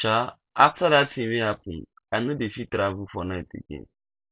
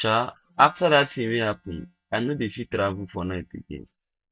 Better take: first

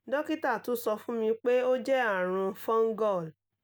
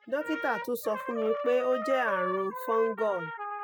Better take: first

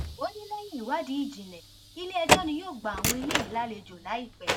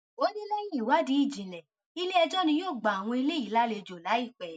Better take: second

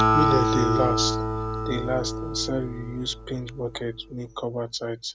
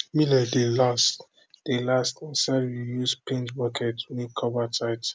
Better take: second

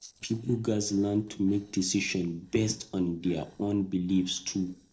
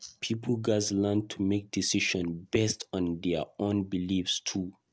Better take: second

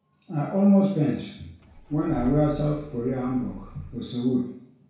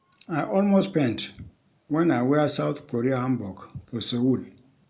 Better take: second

